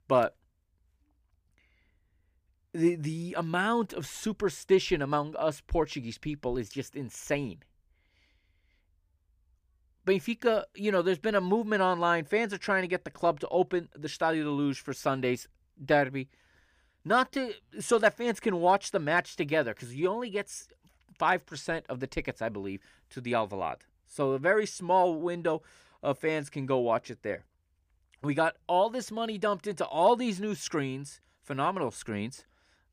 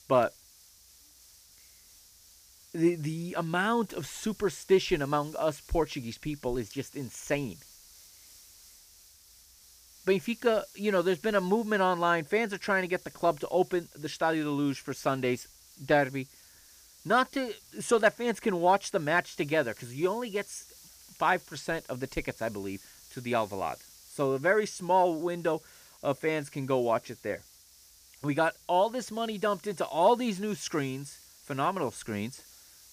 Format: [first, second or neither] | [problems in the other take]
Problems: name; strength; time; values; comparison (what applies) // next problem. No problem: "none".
first | hiss; faint; throughout; 25 dB below the speech